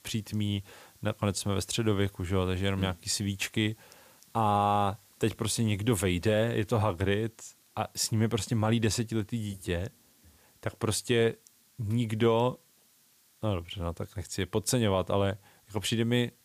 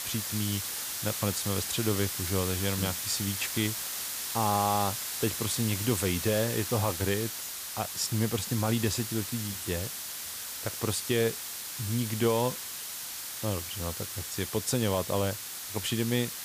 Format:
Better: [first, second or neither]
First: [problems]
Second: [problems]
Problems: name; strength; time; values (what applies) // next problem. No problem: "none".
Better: first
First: hiss; faint; throughout; 30 dB below the speech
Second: hiss; loud; throughout; 3 dB below the speech